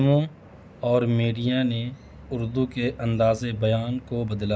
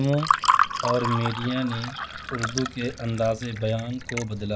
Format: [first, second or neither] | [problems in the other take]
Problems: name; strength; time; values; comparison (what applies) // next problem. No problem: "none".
first | background sound (Fill (with liquid) / Water); 1 dB below the speech